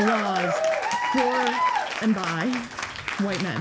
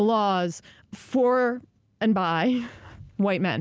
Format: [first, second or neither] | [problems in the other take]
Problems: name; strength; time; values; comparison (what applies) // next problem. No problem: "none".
second | background sound (Applause / Cheering); 1 dB above the speech // room echo; dies away in 1.1 s